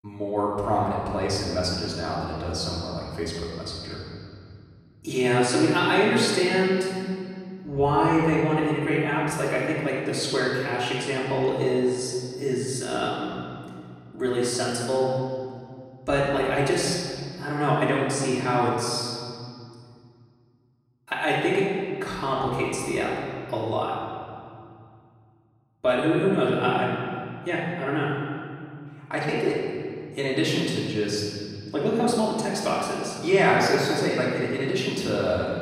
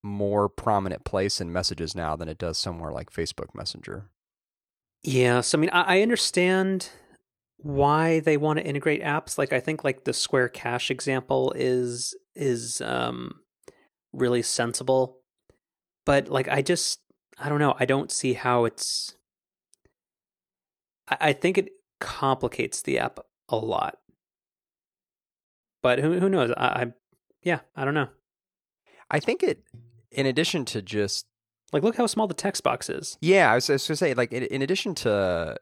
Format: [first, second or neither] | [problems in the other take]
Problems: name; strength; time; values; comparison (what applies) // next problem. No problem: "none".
second | room echo; strong; dies away in 2.2 s // off-mic speech; far